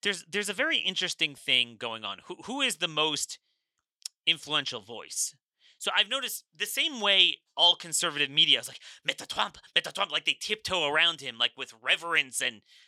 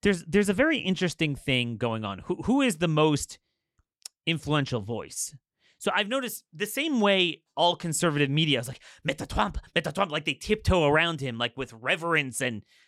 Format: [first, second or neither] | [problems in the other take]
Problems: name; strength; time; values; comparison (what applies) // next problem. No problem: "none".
second | thin; somewhat; fading below 1 kHz